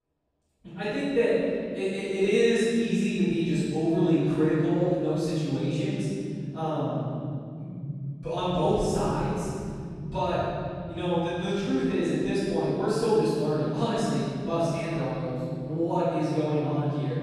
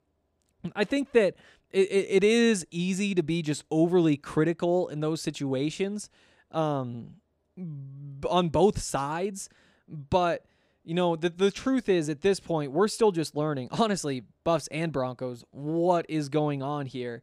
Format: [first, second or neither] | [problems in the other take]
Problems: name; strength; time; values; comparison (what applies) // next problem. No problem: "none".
second | room echo; strong; dies away in 3 s // off-mic speech; far